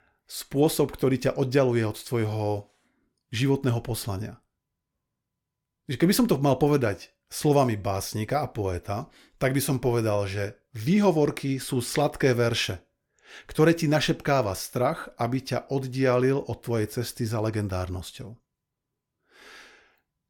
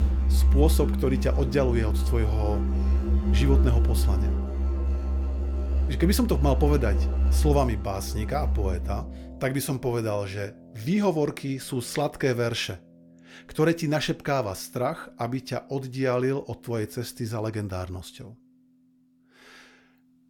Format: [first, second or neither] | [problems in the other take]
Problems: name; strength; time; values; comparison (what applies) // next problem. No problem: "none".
first | background music; very loud; throughout; 2 dB above the speech